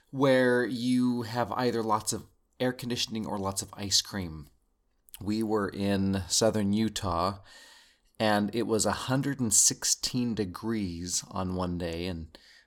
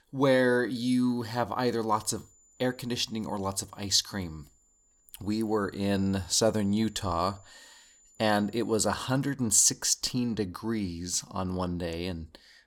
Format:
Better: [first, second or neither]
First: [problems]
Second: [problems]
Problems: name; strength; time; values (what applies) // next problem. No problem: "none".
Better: first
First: none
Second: high-pitched whine; faint; from 2 to 9 s; 7 kHz, 30 dB below the speech